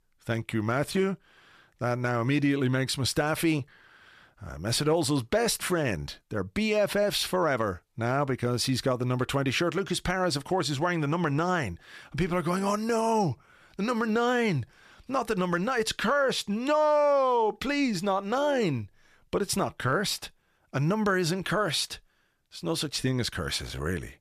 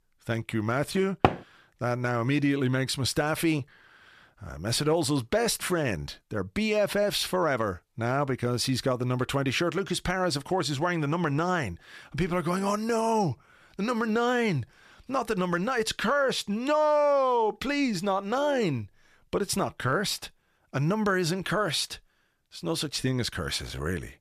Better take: first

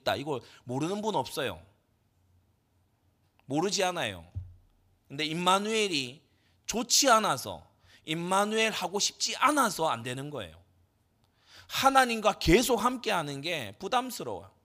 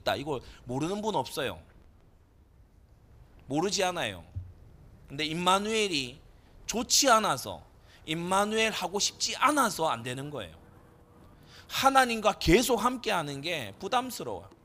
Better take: first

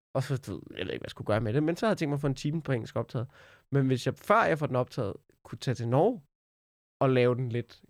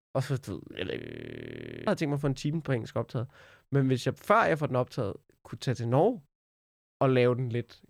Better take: first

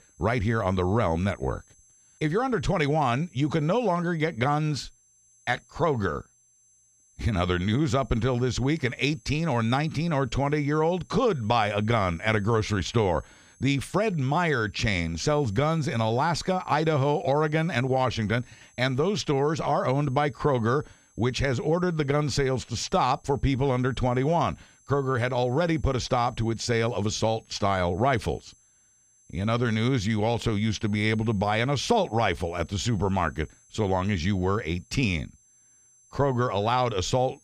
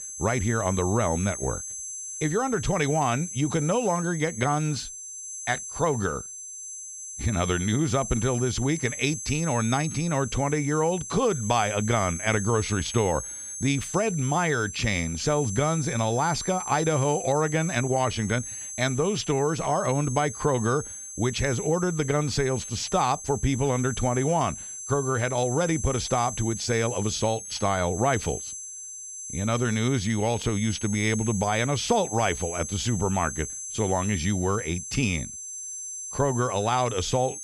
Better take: first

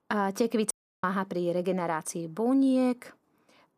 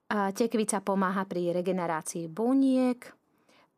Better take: second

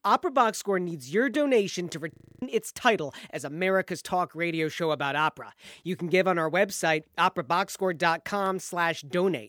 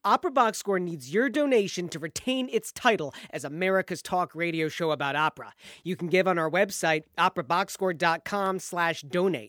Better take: second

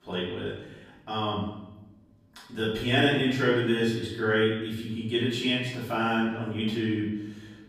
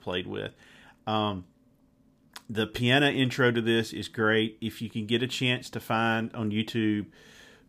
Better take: second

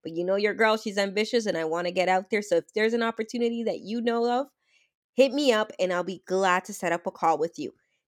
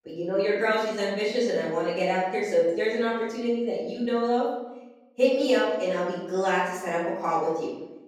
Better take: first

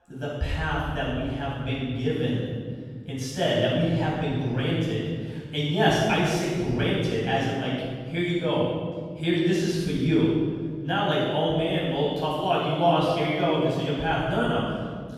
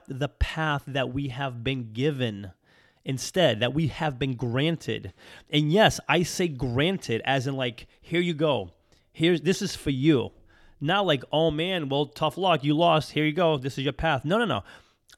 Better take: second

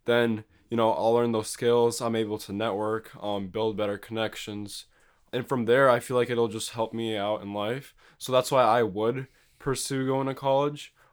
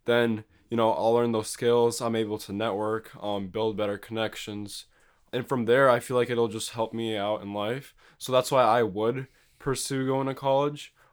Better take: neither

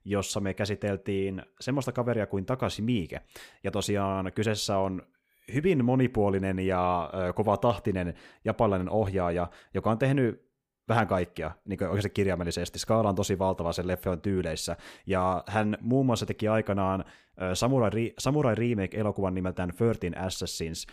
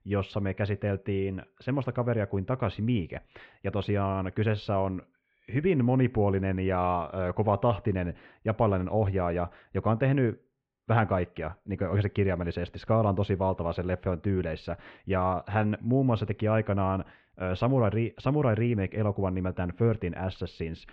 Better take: first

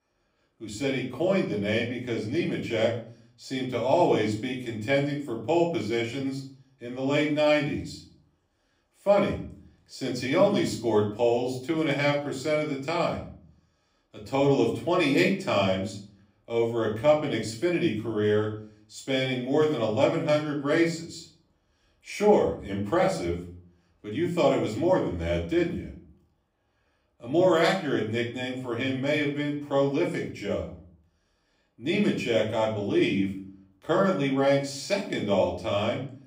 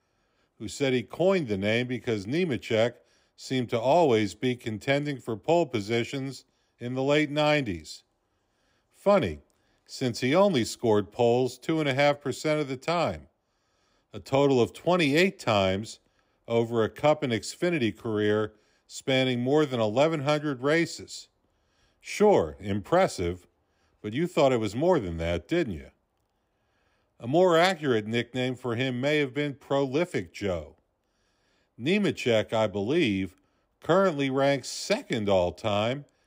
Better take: second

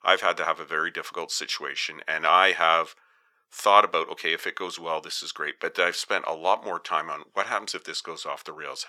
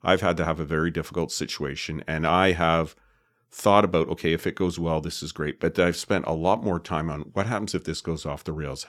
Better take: second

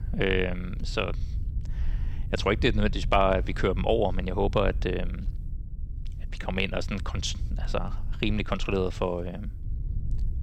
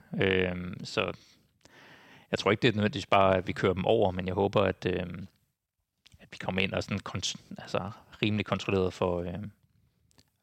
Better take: second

